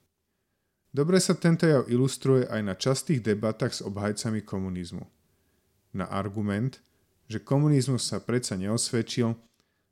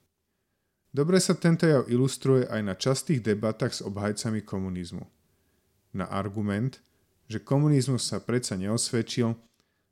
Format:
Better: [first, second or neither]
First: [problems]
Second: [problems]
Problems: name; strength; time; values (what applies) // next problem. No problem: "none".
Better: neither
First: none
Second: none